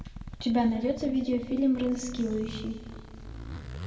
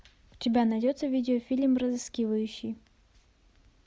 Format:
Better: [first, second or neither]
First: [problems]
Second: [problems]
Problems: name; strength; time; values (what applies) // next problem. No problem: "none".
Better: second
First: background sound (Zipper (clothing)); 12 dB below the speech // room echo; dies away in 1.6 s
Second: none